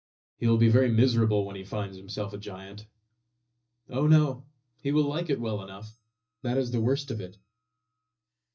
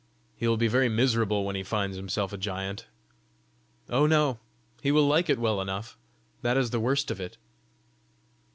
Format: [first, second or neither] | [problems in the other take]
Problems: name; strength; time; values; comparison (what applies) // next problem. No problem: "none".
second | noise reduction (neural mask model DeepFilterNet 3)